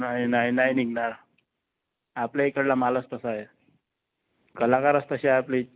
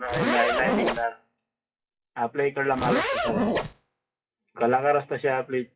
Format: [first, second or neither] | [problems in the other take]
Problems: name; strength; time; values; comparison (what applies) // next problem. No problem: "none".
first | noise reduction (classical method WPE with log-MMSE)